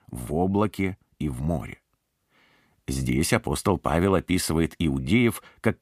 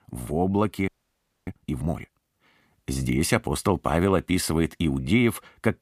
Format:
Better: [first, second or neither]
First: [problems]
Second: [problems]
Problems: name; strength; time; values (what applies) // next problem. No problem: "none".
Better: first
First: none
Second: audio freezing; at 1 s for 0.5 s